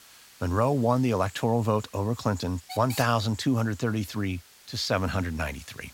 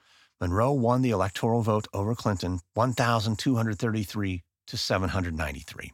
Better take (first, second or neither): second